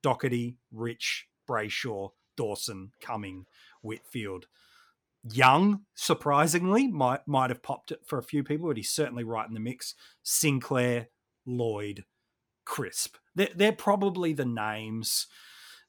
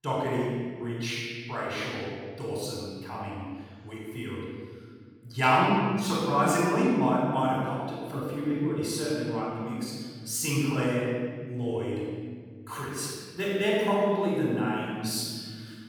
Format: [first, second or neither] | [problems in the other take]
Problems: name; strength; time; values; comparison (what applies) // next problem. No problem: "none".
first | off-mic speech; far // room echo; strong; dies away in 1.8 s